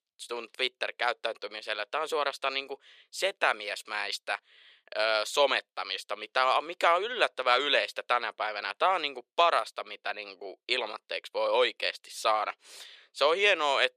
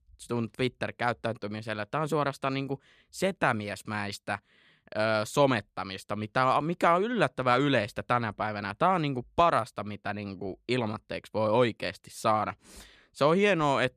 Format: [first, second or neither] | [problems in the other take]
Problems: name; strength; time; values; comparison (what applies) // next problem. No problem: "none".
second | thin; very; fading below 450 Hz